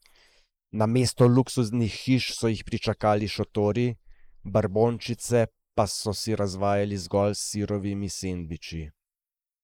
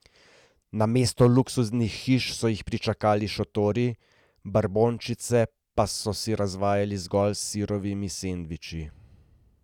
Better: second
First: noise reduction (neural mask model Resemble Enhance denoiser)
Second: none

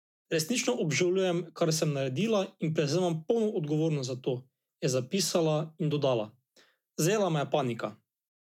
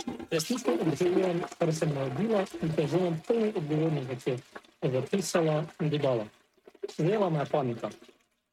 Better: first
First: none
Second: noise reduction (neural mask model RNNoise)

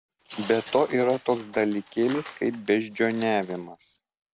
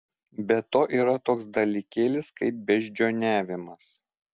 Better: second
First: background sound (Tearing); 18 dB below the speech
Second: none

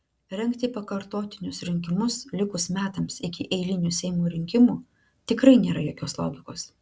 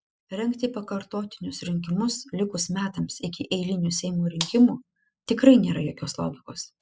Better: first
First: none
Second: noise reduction (classical method spectral subtraction)

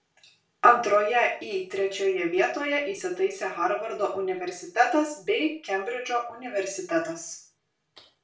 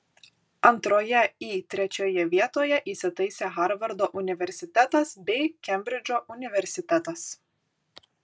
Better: second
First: room echo; dies away in 0.4 s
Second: none

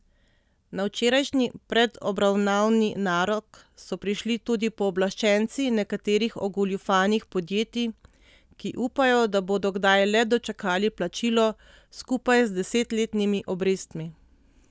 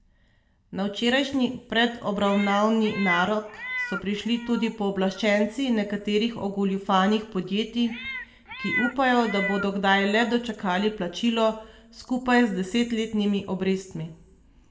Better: first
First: none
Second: background sound (Meow); 9 dB below the speech // room echo; dies away in 0.6 s

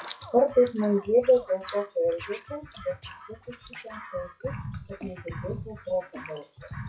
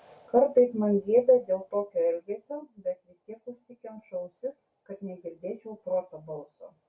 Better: second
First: noise reduction (classical method log-MMSE)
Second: none

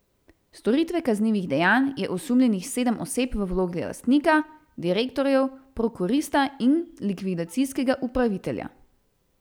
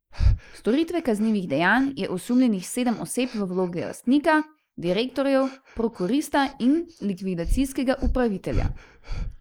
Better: first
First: none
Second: noise reduction (neural mask model Resemble Enhance denoiser)

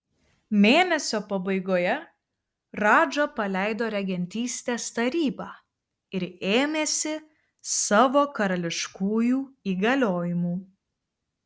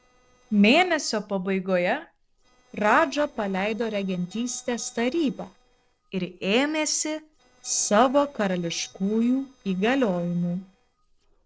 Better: first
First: none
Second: noise reduction (neural separator model SepFormer DNS4)

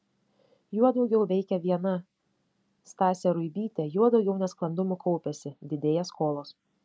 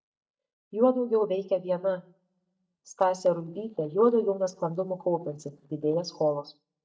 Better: first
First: none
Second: noise reduction (neural mask model DeepFilterNet 3)

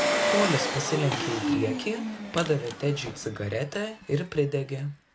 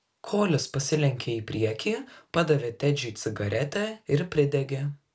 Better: second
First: background sound (Engine); 2 dB below the speech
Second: none

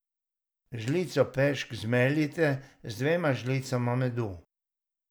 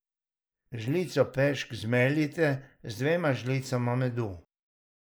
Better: first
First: none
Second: noise reduction (neural mask model Resemble Enhance denoiser)

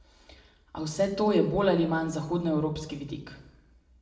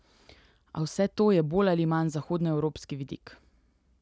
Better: second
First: room echo; dies away in 0.7 s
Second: none

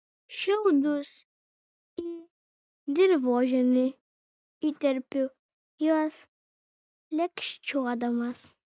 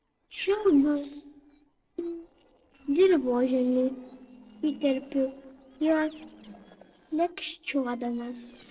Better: first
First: none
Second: noise reduction (neural separator model SepFormer DNS4)

